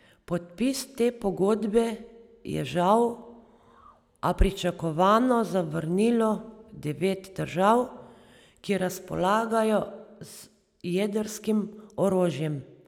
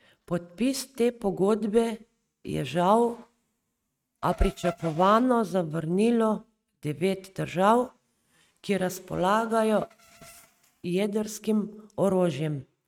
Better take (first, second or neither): first